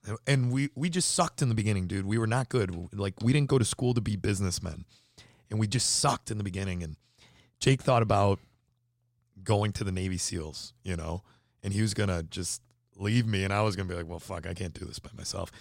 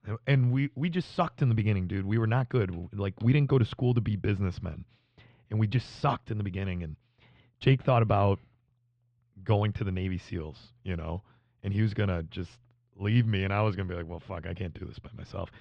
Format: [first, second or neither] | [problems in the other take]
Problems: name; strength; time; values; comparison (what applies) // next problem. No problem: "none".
first | muffled; very; fading above 3 kHz